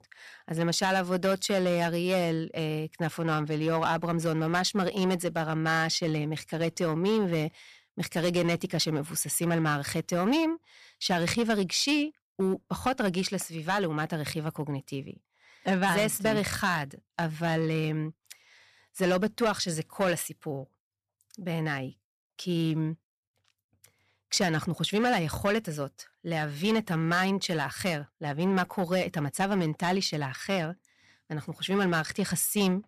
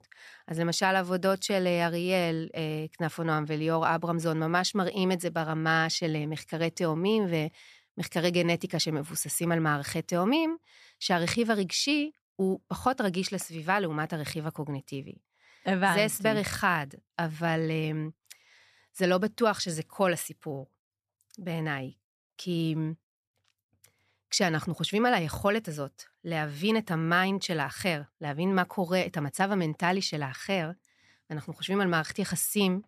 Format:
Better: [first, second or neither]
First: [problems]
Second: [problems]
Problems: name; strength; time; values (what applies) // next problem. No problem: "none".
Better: second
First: distortion; slight; 4% of the sound clipped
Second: none